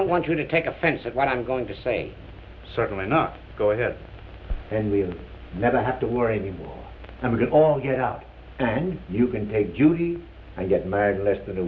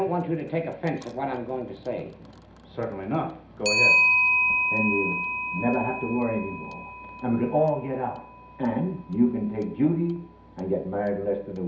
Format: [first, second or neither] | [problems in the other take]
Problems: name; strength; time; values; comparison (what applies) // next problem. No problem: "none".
first | background sound (Clock); 1 dB below the speech // room echo; dies away in 0.5 s